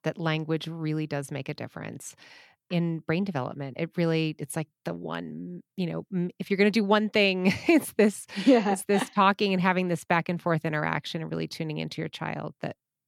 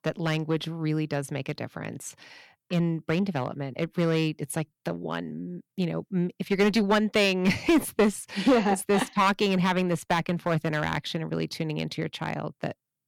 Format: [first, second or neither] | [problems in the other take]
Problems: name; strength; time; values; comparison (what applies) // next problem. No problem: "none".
first | distortion; slight; 3% of the sound clipped